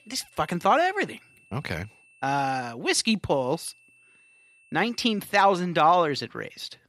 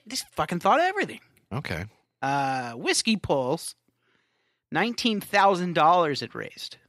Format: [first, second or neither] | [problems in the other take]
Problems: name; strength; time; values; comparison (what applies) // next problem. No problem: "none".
second | high-pitched whine; faint; until 2.5 s and from 3.5 to 5 s; 2.5 kHz, 30 dB below the speech